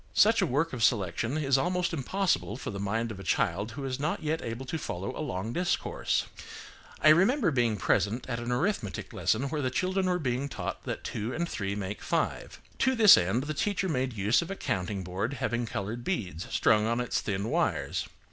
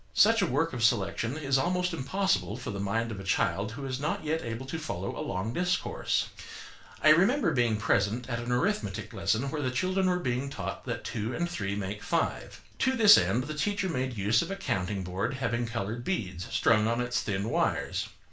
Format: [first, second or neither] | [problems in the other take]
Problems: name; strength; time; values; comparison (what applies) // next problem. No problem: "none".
first | room echo; dies away in 0.3 s